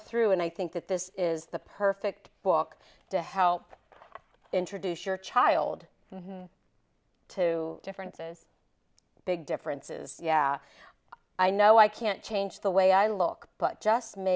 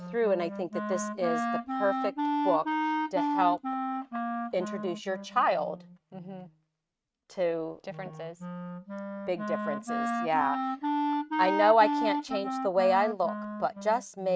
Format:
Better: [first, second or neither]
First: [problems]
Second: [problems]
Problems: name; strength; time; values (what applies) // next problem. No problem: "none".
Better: first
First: none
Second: noise reduction (neural mask model RNNoise)